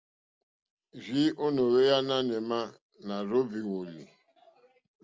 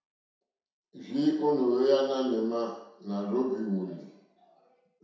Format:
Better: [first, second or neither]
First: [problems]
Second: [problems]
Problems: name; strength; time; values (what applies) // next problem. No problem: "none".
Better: first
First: none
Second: room echo; dies away in 0.7 s